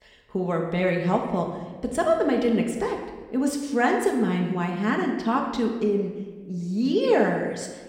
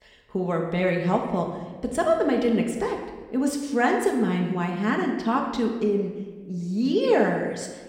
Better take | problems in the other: neither | room echo; slight; dies away in 1.1 s; the same in both // off-mic speech; somewhat distant; the same in both

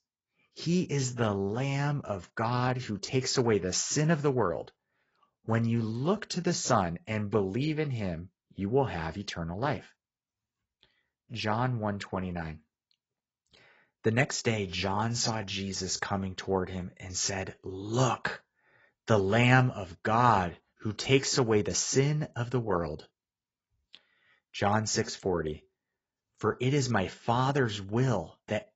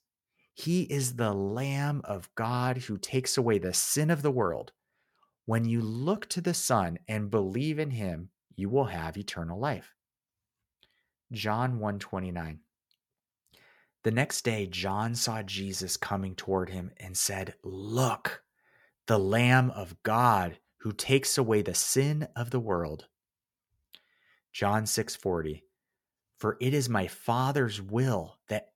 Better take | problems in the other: second | garbled, watery; badly; nothing above 7.5 kHz

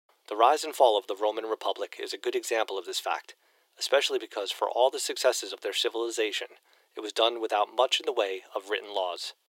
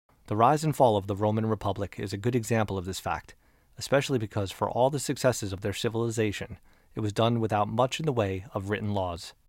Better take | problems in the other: second | thin; very; fading below 350 Hz

